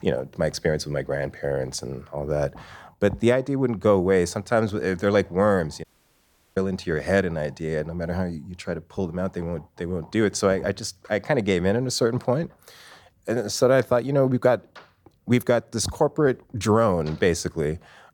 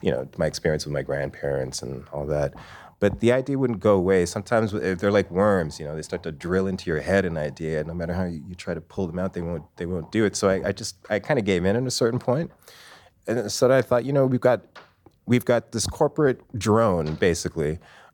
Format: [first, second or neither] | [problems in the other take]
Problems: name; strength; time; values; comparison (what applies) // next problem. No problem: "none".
second | audio cutting out; at 6 s for 0.5 s